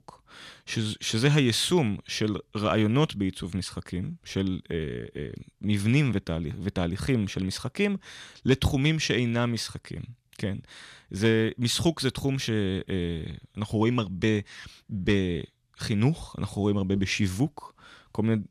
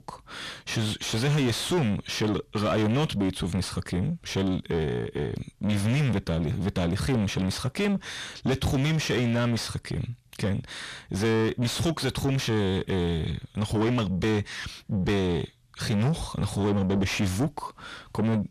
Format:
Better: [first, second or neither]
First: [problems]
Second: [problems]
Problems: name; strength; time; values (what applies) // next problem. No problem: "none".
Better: first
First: none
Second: distortion; heavy; 6 dB below the speech